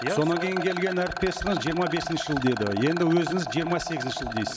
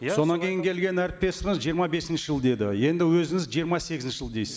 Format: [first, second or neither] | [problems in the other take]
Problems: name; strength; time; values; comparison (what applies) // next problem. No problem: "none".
second | background sound (Rattle); 6 dB below the speech